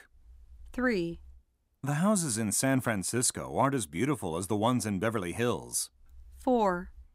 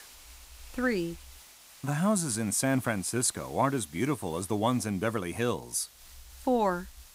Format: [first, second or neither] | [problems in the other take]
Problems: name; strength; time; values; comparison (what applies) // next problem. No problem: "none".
first | hiss; faint; throughout; 20 dB below the speech